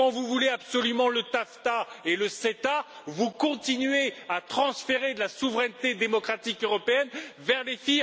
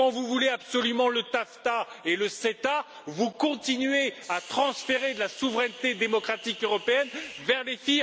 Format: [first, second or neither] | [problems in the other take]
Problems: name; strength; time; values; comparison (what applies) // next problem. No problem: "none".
first | background sound (Hiss); 17 dB below the speech